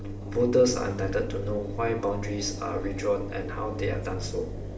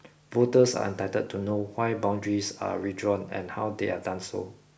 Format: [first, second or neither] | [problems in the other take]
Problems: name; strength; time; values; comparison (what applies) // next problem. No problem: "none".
second | background sound (Engine); 5 dB below the speech // room echo; dies away in 0.4 s